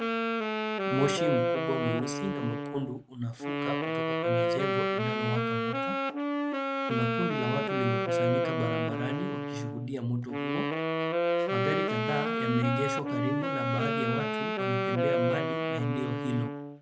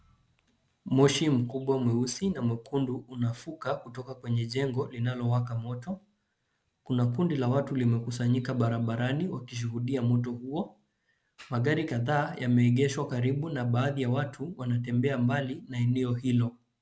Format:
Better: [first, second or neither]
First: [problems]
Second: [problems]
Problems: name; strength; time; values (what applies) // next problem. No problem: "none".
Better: second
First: background sound (Wind instrument, woodwind instrument); 3 dB above the speech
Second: none